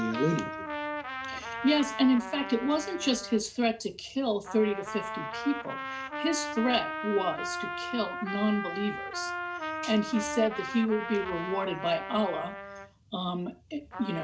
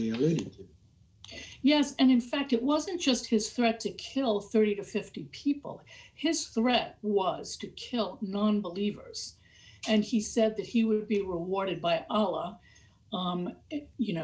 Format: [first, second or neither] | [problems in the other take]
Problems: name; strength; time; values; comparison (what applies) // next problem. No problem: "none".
second | background sound (Trumpet); 7 dB below the speech